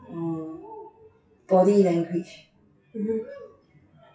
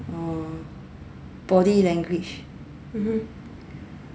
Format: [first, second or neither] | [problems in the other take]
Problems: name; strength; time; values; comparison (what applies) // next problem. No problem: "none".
second | noise reduction (classical method WPE with log-MMSE)